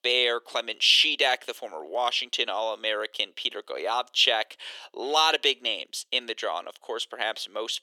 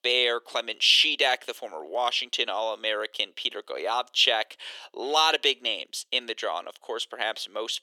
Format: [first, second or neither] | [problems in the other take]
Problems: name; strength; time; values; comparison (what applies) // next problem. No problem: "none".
neither | thin; somewhat; fading below 350 Hz; the same in both